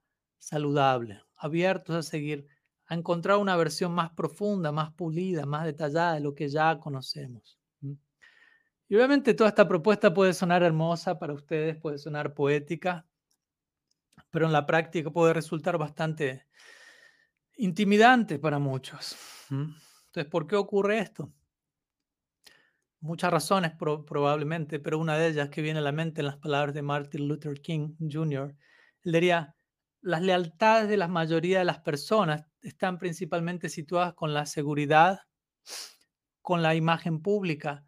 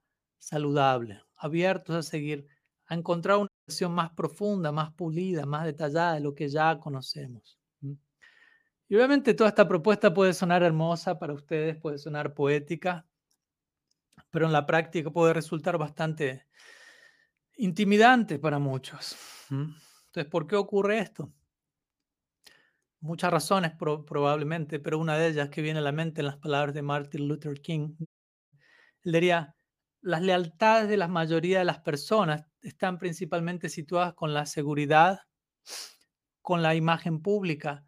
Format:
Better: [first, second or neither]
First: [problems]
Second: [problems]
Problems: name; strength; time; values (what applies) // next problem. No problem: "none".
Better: first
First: none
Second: audio cutting out; at 3.5 s and at 28 s